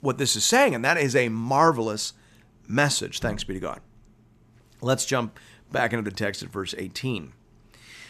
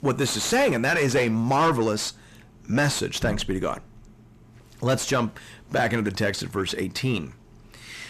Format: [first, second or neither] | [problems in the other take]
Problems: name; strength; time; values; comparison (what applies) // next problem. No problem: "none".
first | distortion; heavy; 6 dB below the speech